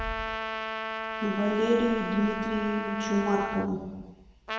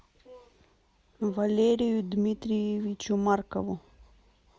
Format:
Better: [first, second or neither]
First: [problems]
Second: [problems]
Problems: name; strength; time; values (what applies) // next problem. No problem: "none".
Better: second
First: background sound (Trumpet); 5 dB below the speech // room echo; dies away in 1.2 s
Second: none